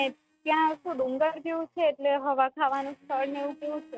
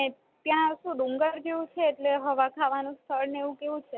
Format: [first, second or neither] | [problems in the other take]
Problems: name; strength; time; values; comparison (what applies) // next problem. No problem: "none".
second | noise reduction (neural mask model RNNoise)